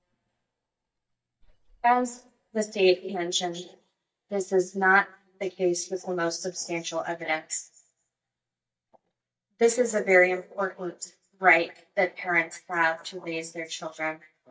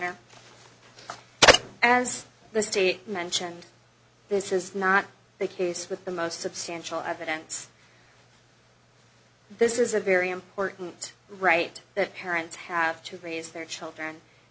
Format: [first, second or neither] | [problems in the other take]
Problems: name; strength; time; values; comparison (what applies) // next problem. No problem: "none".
second | noise reduction (neural mask model DeepFilterNet 3)